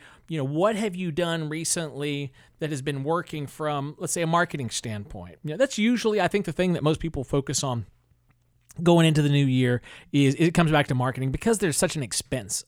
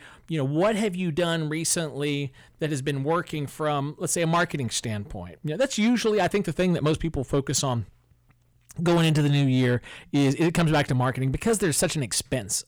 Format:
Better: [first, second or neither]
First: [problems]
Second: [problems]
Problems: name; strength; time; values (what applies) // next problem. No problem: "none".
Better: first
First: none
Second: distortion; slight; 10 dB below the speech